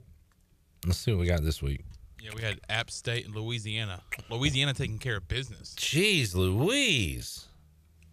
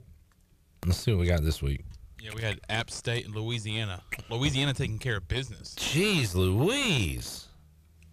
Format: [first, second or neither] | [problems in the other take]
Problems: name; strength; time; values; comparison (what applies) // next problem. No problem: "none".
first | distortion; slight; 9 dB below the speech